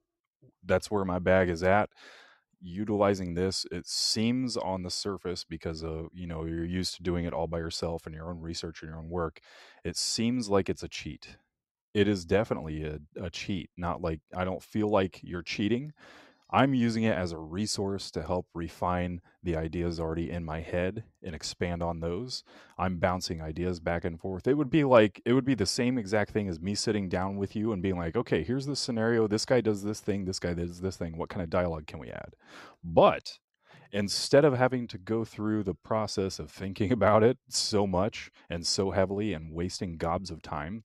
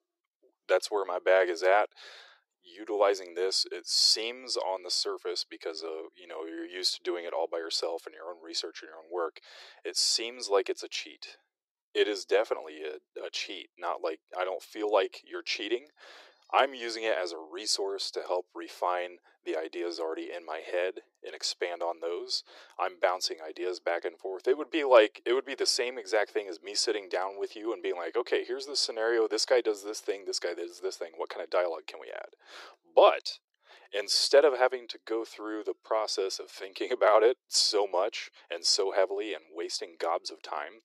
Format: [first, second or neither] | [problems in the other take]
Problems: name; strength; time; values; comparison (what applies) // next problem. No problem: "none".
first | thin; very; fading below 350 Hz